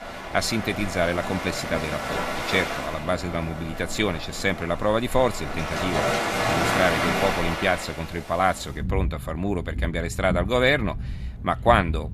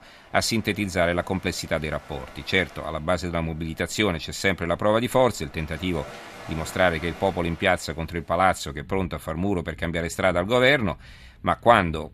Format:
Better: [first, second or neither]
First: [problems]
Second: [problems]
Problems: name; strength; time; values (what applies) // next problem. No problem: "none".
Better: second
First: rain or running water; loud; throughout; 3 dB below the speech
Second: rain or running water; faint; throughout; 20 dB below the speech